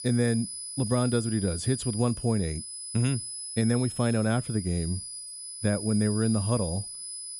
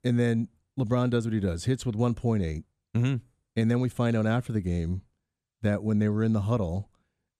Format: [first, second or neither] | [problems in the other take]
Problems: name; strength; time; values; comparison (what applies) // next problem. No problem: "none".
second | high-pitched whine; loud; throughout; 10 kHz, 7 dB below the speech